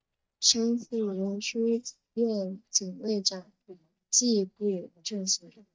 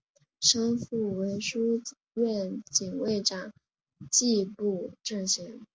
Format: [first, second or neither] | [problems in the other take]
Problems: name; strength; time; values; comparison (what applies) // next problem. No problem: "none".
second | noise reduction (neural mask model DeepFilterNet 3)